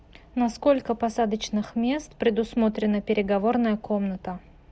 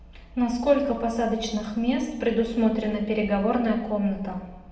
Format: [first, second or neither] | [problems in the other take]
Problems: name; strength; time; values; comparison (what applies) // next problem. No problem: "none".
first | room echo; dies away in 0.8 s